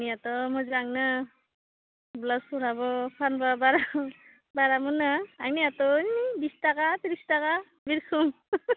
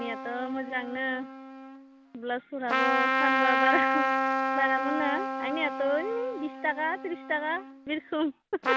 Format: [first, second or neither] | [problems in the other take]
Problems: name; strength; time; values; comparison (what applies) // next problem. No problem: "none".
first | background sound (Trumpet); 1 dB above the speech